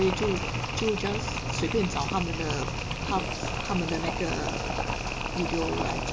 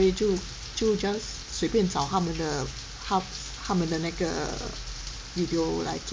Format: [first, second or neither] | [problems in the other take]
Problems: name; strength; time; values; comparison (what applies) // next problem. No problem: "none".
second | background sound (Mechanisms + Boiling); as loud as the speech